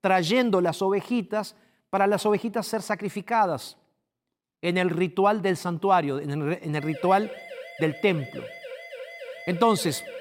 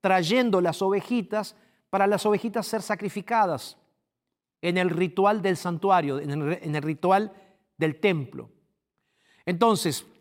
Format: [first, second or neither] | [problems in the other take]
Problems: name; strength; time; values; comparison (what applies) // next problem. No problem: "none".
second | siren; faint; from 7 s on; peak 15 dB below the speech